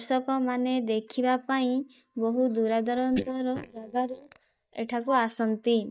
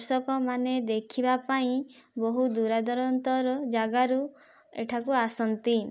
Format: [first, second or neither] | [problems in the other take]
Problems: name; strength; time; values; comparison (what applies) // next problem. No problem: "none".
second | noise reduction (neural mask model DeepFilterNet 3)